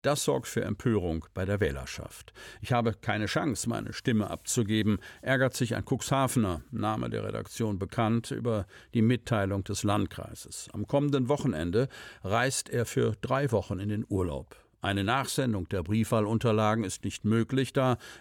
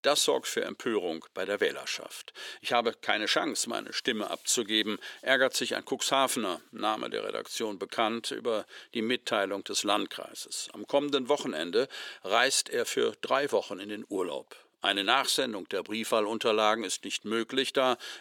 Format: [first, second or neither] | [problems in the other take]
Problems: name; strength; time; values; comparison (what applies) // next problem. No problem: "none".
first | thin; somewhat; fading below 350 Hz